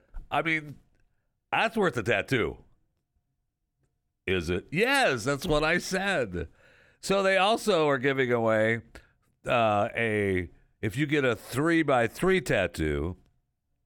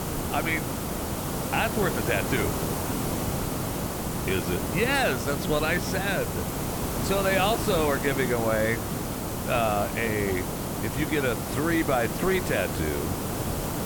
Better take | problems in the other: first | hiss; loud; throughout; 2 dB below the speech

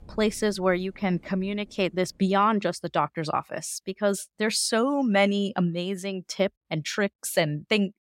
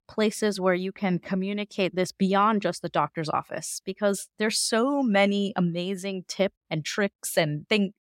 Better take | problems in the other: second | rain or running water; faint; until 2 s; 30 dB below the speech

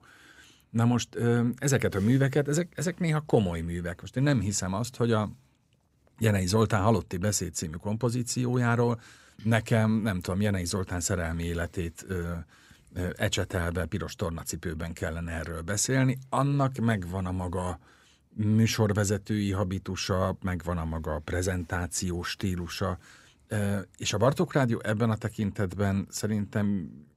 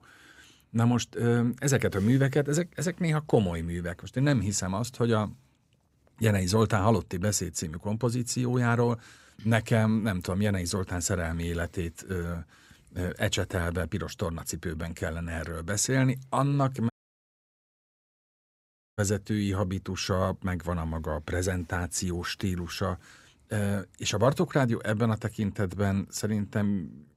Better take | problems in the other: first | audio cutting out; at 17 s for 2 s

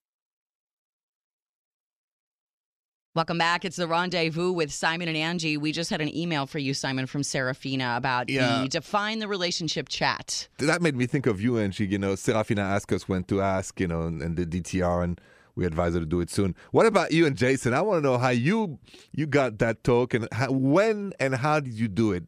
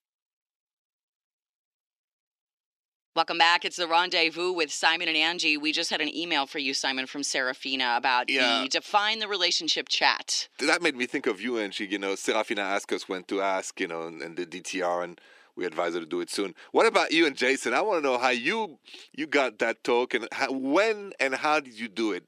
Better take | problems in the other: first | thin; somewhat; fading below 300 Hz

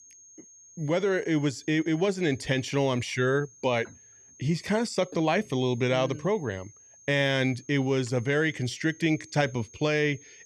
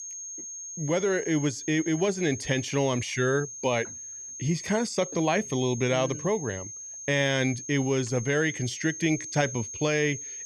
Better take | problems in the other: first | high-pitched whine; loud; throughout; 6.5 kHz, 9 dB below the speech; faint in the first

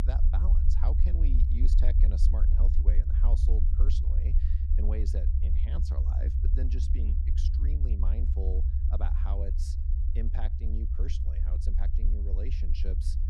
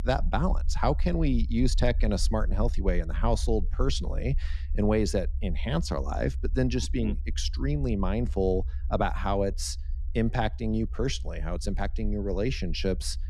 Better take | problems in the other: second | low rumble; loud; throughout; 1 dB below the speech; faint in the second

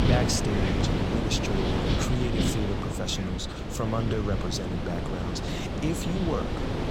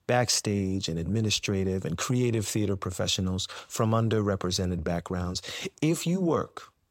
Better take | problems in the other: second | wind noise on the microphone; heavy; 1 dB above the speech

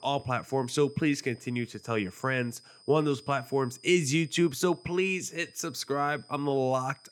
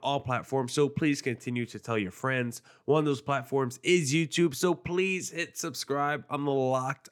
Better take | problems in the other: second | high-pitched whine; faint; throughout; 5 kHz, 25 dB below the speech

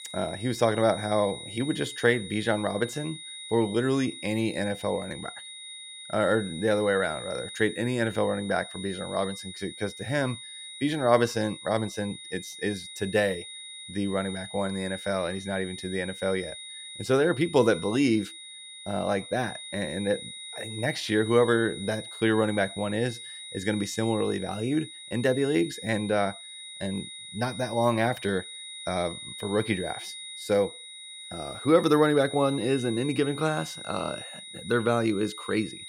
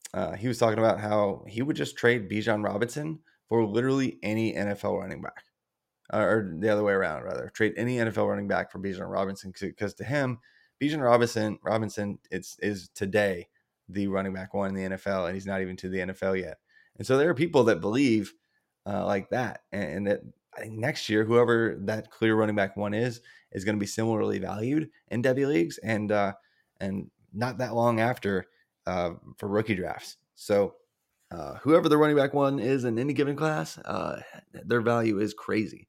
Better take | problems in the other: second | high-pitched whine; noticeable; throughout; 4 kHz, 10 dB below the speech

